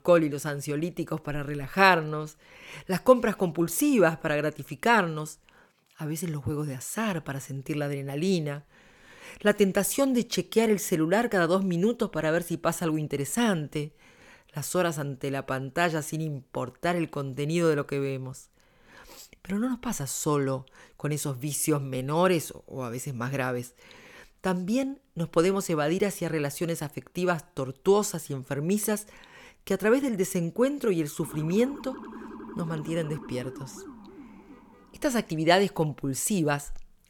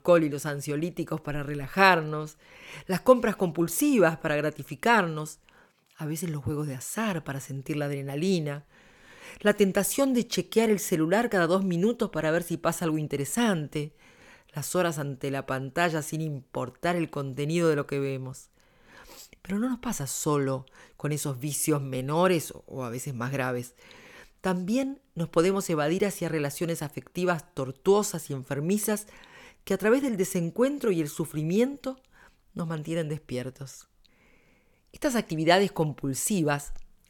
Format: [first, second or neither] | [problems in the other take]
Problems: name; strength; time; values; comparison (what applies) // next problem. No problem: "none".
second | siren; faint; from 31 to 35 s; peak 15 dB below the speech